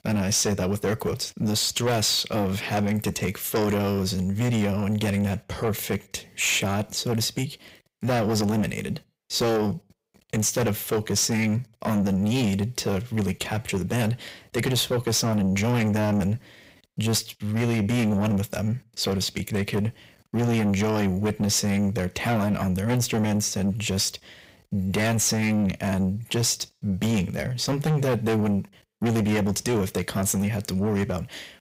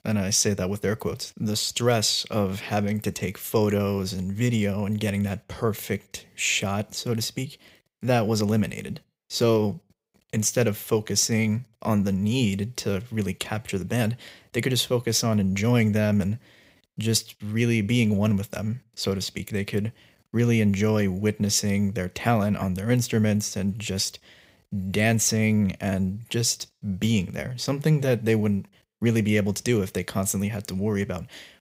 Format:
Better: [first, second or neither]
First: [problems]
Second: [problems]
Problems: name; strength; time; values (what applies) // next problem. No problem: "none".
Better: second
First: distortion; heavy; 7 dB below the speech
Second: none